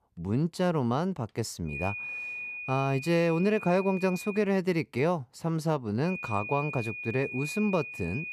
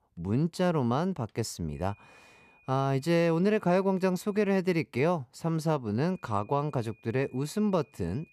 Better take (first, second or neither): second